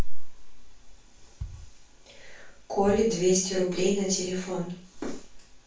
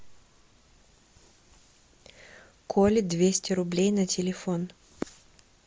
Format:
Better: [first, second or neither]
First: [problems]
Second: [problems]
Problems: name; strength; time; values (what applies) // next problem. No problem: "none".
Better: second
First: background sound (Bass drum); 20 dB below the speech // room echo; dies away in 0.3 s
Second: none